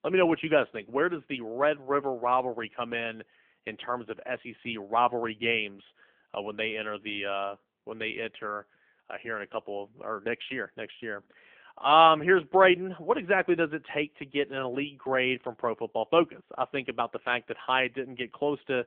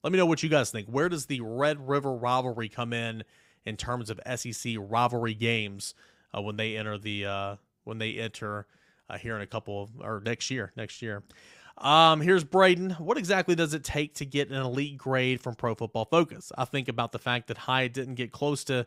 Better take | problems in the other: second | phone-call audio; nothing above 3.5 kHz

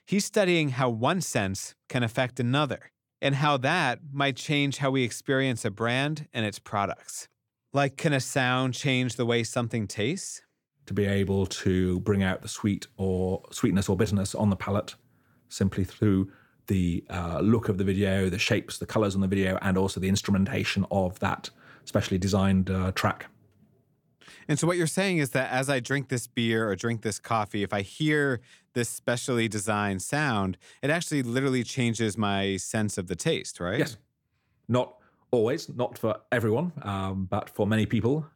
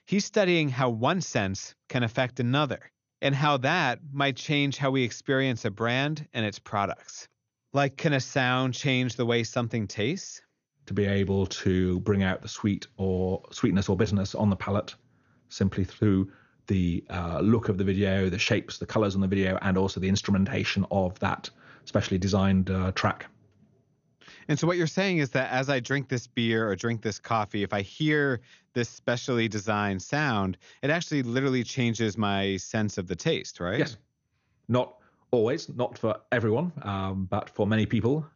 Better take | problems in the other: first | garbled, watery; slightly; nothing above 6.5 kHz

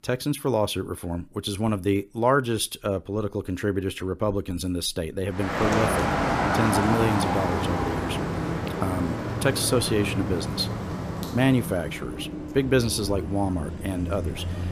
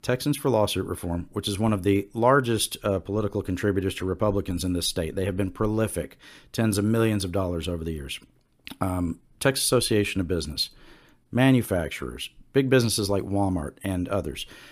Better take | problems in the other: second | traffic noise; loud; from 5.5 s on; 2 dB below the speech

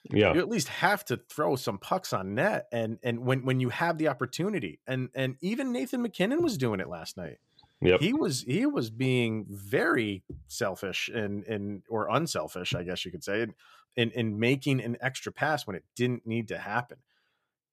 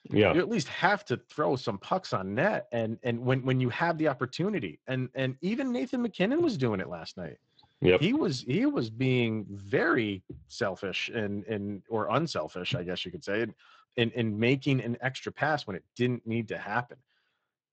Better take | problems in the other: first | garbled, watery; slightly; nothing above 8 kHz

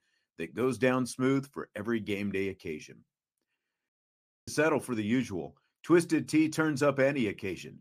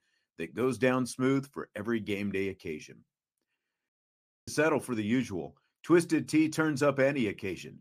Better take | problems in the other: neither | audio cutting out; at 4 s for 0.5 s; the same in both

